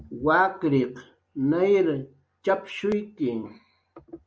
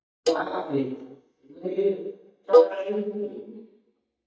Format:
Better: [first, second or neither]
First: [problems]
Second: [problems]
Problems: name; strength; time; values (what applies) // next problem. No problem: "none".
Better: first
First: none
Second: noise reduction (neural mask model DeepFilterNet 3)